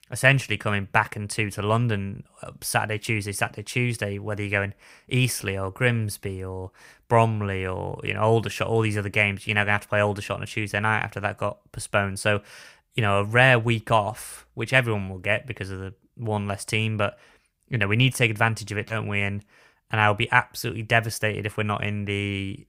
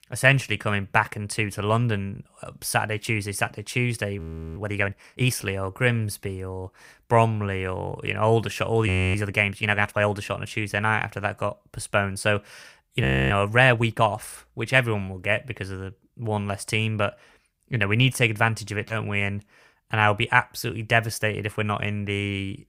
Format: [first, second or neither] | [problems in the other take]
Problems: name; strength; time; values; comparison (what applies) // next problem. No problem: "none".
first | audio freezing; at 4 s, at 9 s and at 13 s